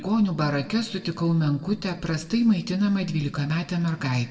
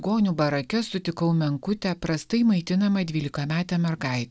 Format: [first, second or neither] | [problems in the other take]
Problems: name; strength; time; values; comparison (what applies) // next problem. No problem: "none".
second | room echo; dies away in 1 s